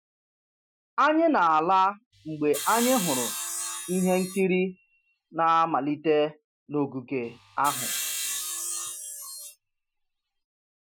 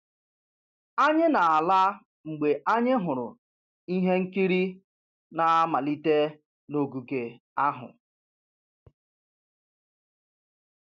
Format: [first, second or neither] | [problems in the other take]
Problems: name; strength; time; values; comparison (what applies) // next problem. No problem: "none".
second | noise reduction (classical method Wiener filter)